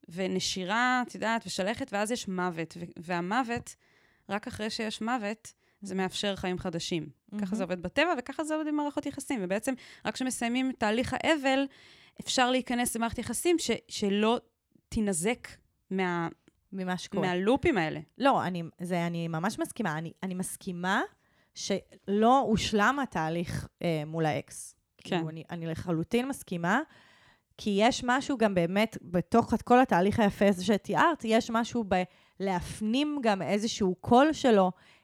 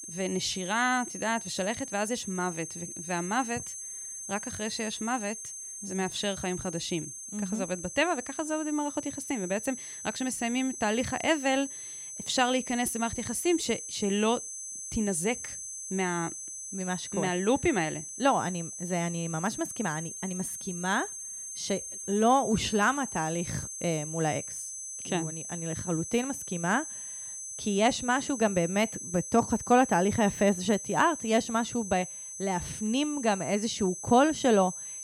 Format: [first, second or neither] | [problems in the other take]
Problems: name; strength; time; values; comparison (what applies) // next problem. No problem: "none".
first | high-pitched whine; loud; throughout; 6 kHz, 8 dB below the speech